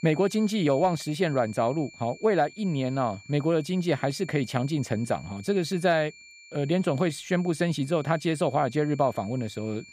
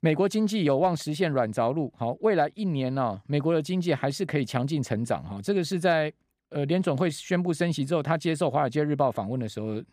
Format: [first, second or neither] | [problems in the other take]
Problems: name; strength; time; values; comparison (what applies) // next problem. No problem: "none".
second | high-pitched whine; faint; throughout; 2.5 kHz, 20 dB below the speech